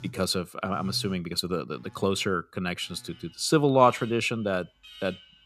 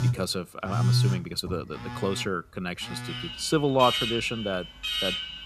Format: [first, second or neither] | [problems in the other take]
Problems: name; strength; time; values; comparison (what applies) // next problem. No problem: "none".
first | alarms or sirens; loud; throughout; 1 dB below the speech; faint in the first